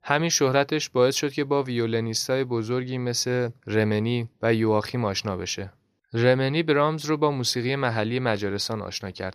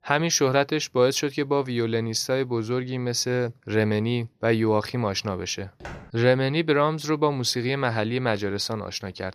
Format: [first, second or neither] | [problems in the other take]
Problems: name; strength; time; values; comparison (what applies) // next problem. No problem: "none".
first | footsteps; faint; at 6 s; peak 15 dB below the speech